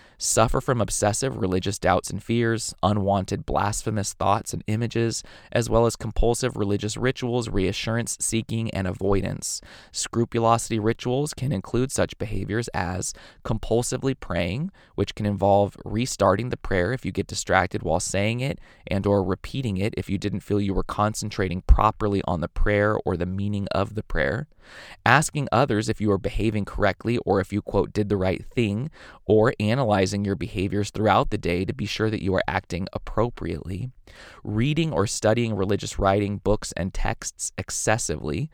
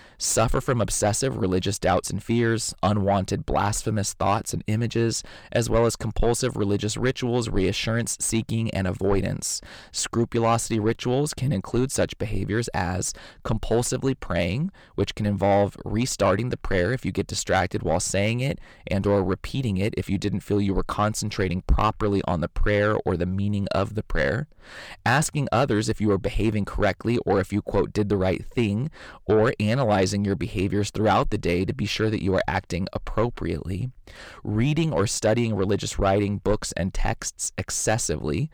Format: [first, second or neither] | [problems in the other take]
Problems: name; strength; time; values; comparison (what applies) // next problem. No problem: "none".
first | distortion; slight; 10 dB below the speech